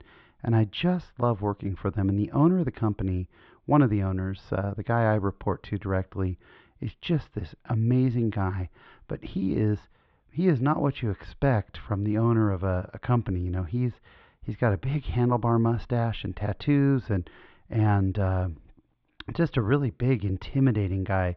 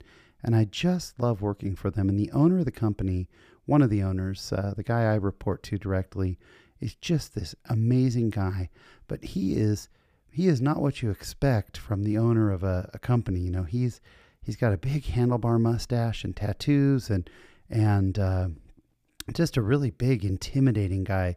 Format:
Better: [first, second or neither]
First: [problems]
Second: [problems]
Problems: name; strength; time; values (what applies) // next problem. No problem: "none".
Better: second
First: muffled; very; fading above 3.5 kHz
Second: none